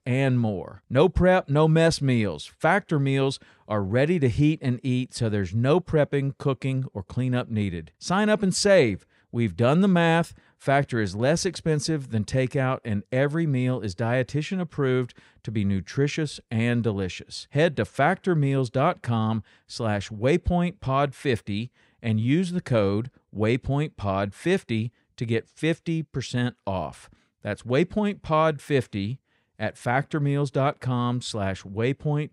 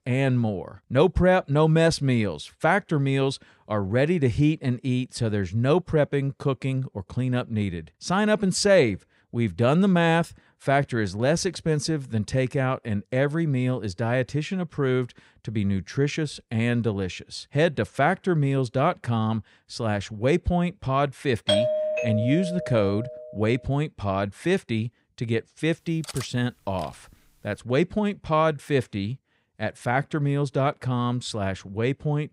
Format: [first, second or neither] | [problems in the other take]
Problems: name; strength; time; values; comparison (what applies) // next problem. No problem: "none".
first | doorbell; loud; from 21 to 23 s; peak 2 dB above the speech // clattering dishes; faint; at 26 s; peak 15 dB below the speech